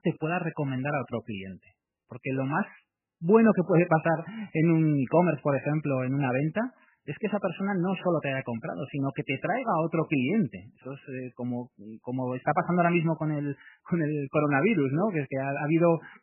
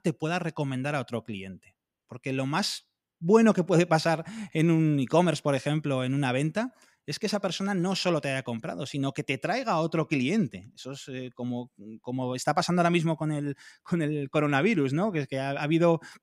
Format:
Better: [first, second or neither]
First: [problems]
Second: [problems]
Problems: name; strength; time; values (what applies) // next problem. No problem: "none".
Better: second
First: garbled, watery; badly; nothing above 3 kHz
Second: none